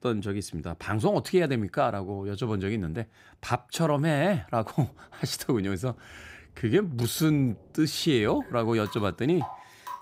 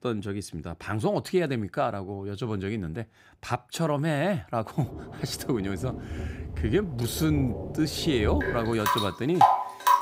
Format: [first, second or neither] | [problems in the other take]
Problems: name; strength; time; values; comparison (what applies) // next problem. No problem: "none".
first | rain or running water; loud; from 5 s on; as loud as the speech; faint in the first